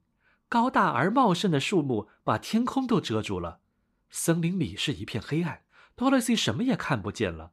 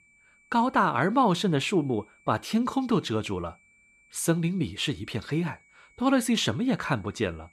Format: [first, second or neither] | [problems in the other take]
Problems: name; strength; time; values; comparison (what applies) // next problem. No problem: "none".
first | high-pitched whine; faint; throughout; 2.5 kHz, 30 dB below the speech